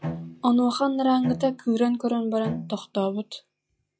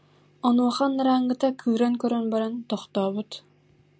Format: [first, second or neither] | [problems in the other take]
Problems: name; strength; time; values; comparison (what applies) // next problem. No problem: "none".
second | noise reduction (classical method log-MMSE)